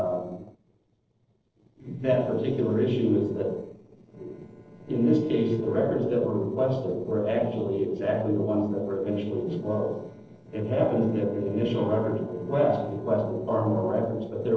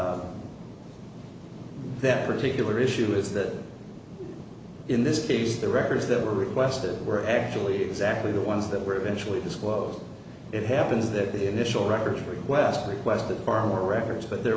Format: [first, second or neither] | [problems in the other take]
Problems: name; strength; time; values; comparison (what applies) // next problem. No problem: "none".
second | noise reduction (neural separator model SepFormer DNS4)